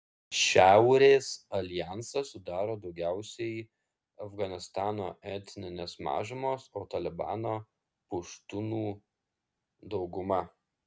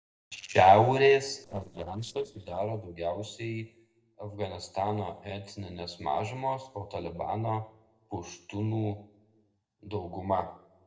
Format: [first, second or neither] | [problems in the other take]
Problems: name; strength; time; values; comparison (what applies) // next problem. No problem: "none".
first | noise reduction (neural separator model SepFormer DNS4)